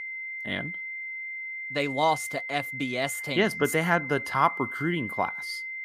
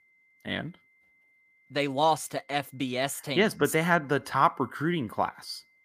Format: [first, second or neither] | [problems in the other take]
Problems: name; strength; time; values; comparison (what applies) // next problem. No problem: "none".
second | high-pitched whine; loud; throughout; 2 kHz, 6 dB below the speech; faint in the second